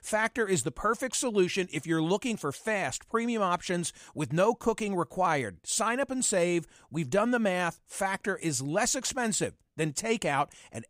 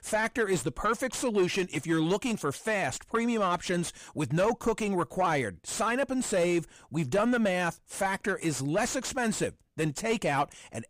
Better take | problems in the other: first | distortion; slight; 10 dB below the speech

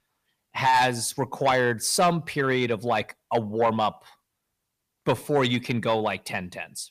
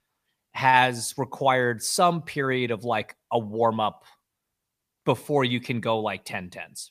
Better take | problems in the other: second | distortion; slight; 10 dB below the speech

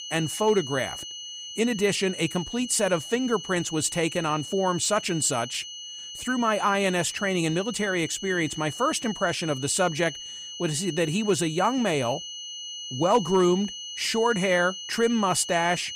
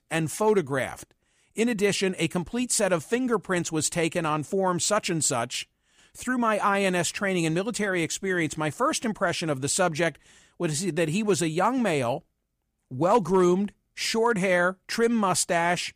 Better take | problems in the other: second | high-pitched whine; loud; throughout; 3 kHz, 10 dB below the speech

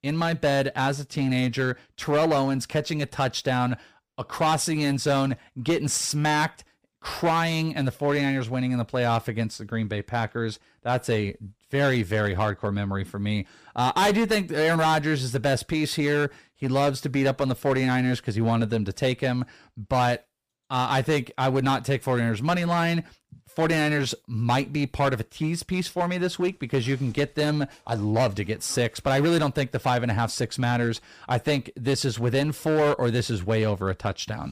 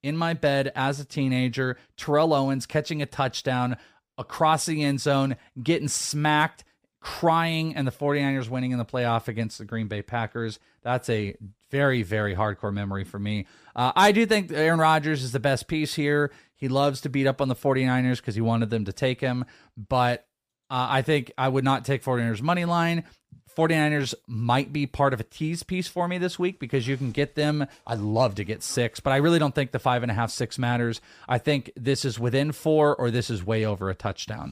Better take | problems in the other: second | distortion; slight; 9% of the sound clipped

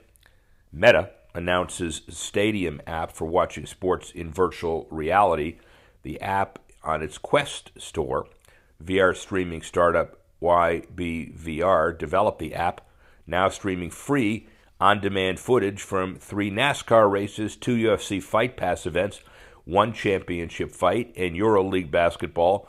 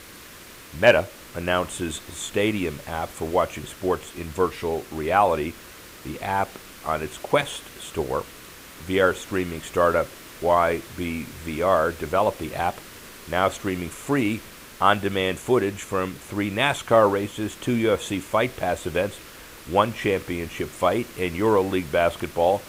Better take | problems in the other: first | hiss; noticeable; throughout; 20 dB below the speech

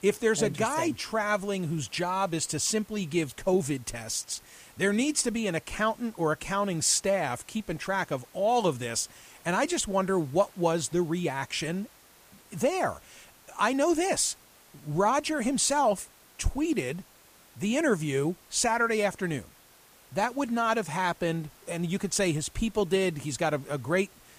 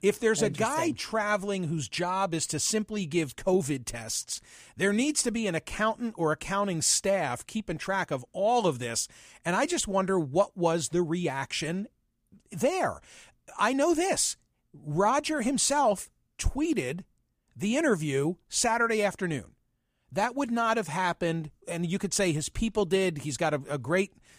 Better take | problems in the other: second | hiss; faint; throughout; 25 dB below the speech

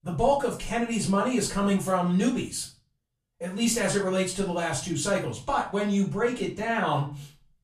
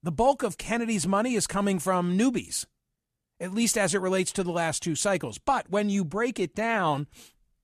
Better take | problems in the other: second | room echo; slight; dies away in 0.3 s // off-mic speech; far

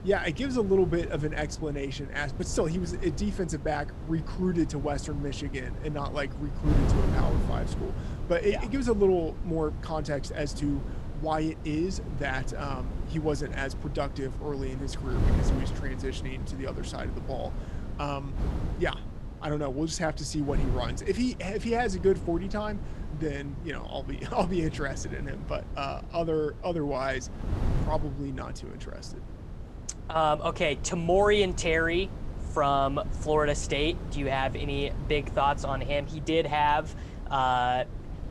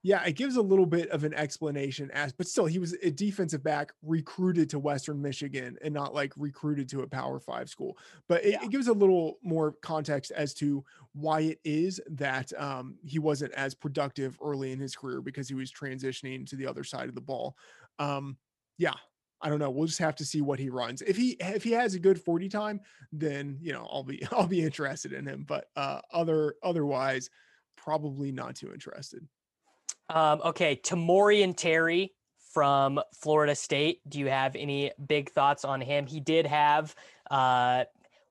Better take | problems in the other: second | wind noise on the microphone; occasional gusts; 15 dB below the speech

